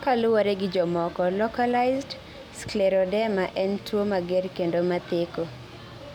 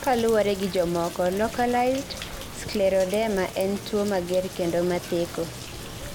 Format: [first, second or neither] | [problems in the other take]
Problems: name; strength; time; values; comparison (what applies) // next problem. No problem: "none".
first | background sound (Rain); 13 dB below the speech